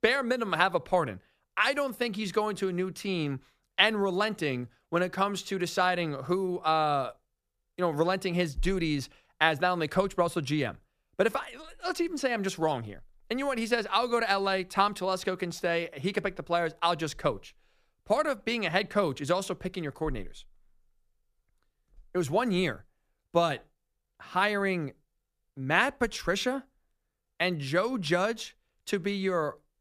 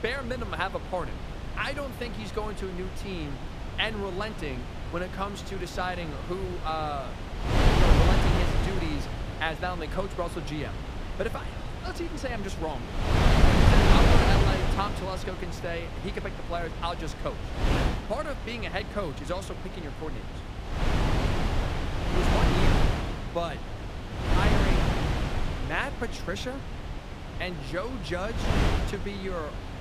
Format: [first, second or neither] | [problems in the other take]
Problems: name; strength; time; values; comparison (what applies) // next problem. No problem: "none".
first | wind noise on the microphone; heavy; as loud as the speech